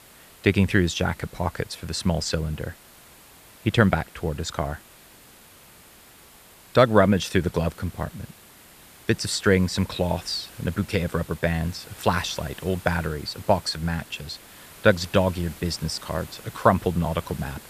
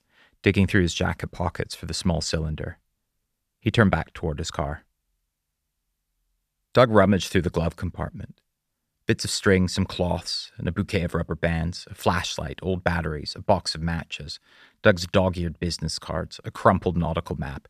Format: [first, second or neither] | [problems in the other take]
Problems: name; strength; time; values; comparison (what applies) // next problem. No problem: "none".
second | hiss; faint; throughout; 20 dB below the speech